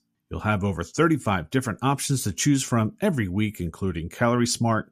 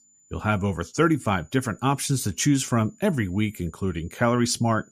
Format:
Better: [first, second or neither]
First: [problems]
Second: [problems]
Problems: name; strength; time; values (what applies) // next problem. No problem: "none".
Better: first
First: none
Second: high-pitched whine; faint; throughout; 7 kHz, 30 dB below the speech